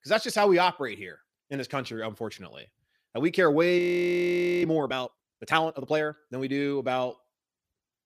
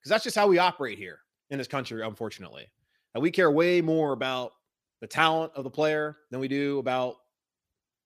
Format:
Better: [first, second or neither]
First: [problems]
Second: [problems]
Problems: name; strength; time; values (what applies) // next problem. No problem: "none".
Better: second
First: audio freezing; at 4 s for 1 s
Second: none